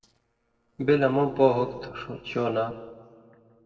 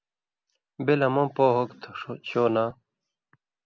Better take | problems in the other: second | noise reduction (neural separator model SepFormer DNS4)

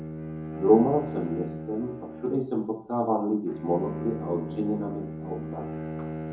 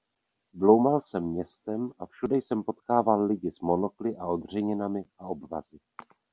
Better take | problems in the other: second | background sound (Bowed string instrument); 8 dB below the speech // room echo; dies away in 0.6 s

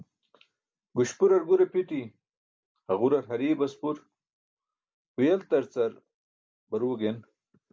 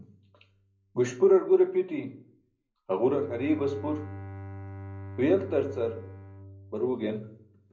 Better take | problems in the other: first | background sound (Bowed string instrument); 15 dB below the speech // room echo; dies away in 0.5 s

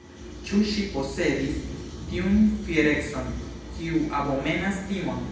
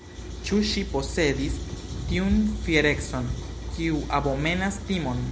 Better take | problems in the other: second | room echo; dies away in 0.9 s

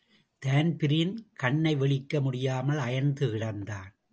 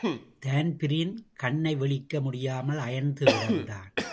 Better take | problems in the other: first | background sound (Cough); 3 dB below the speech

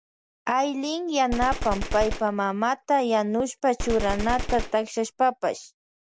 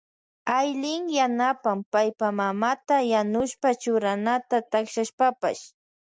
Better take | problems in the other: second | background sound (Gunshot, gunfire); 6 dB below the speech

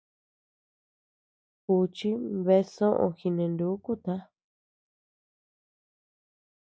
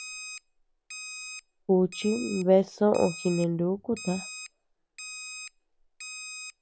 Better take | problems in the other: first | background sound (Alarm); 13 dB below the speech

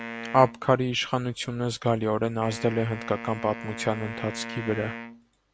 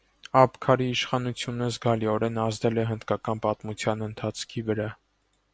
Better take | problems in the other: second | background sound (Wind instrument, woodwind instrument); 12 dB below the speech

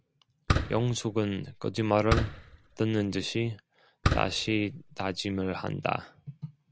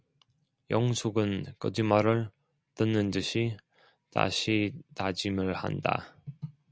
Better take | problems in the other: second | background sound (Fireworks); 2 dB below the speech

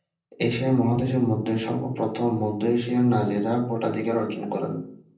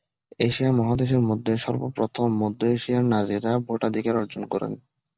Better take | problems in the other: second | room echo; dies away in 0.6 s

